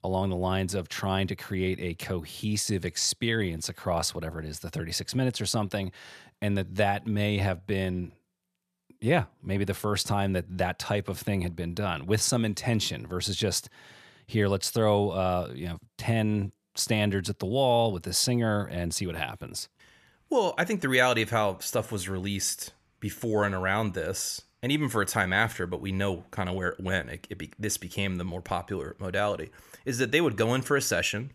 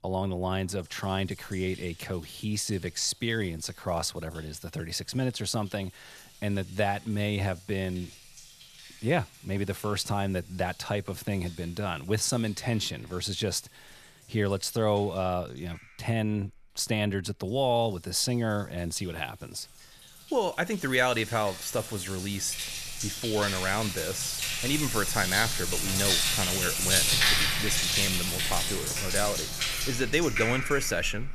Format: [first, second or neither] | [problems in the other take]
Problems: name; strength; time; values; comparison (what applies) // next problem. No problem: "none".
first | household noises; very loud; throughout; 3 dB above the speech